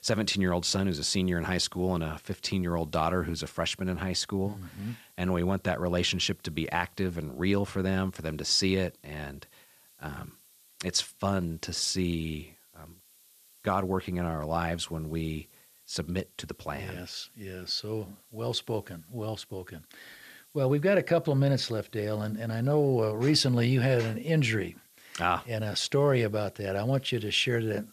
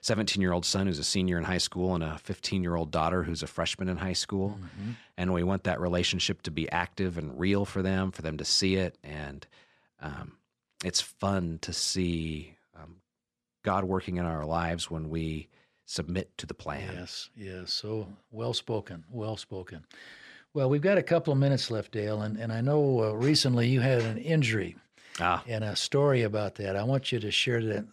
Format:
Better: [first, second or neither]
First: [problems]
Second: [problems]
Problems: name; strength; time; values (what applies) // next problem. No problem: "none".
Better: second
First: hiss; faint; throughout; 30 dB below the speech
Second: none